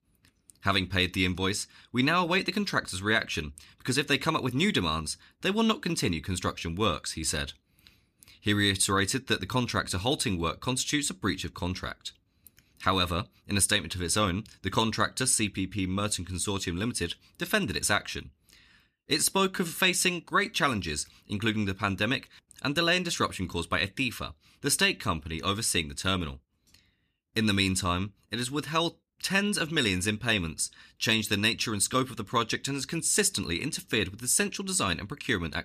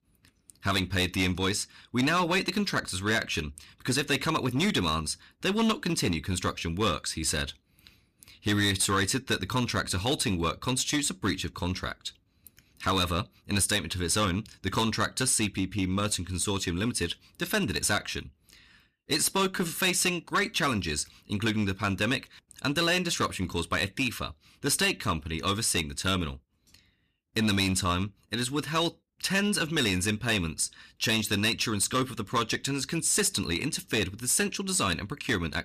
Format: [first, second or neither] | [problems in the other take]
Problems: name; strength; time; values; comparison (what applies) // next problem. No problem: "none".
first | distortion; slight; 5% of the sound clipped